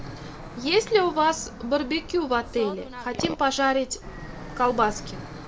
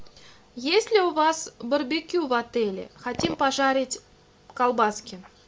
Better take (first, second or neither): second